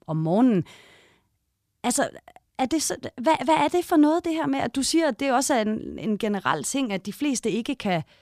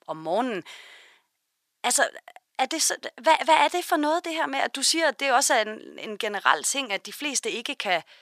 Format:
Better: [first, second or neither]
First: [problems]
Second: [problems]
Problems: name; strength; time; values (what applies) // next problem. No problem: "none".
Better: first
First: none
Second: thin; somewhat; fading below 600 Hz